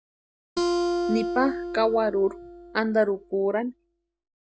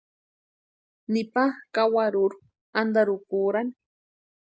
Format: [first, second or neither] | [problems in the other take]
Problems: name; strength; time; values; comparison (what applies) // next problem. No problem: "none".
second | background sound (Acoustic guitar); 4 dB below the speech